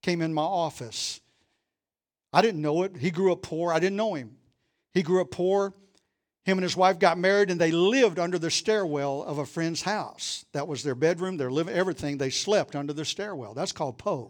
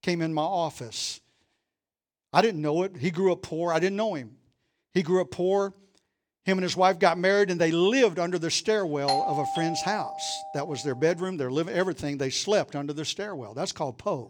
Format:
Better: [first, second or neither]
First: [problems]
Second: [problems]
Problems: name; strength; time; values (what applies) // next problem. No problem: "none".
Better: first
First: none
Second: doorbell; loud; from 9 to 11 s; peak level with the speech